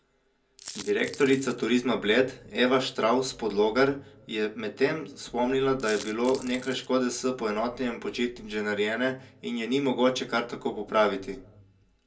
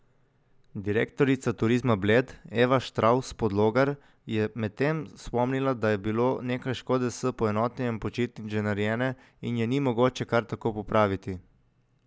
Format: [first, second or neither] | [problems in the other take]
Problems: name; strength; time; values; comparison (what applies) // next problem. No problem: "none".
second | background sound (Coin (dropping)); 16 dB below the speech // room echo; dies away in 0.2 s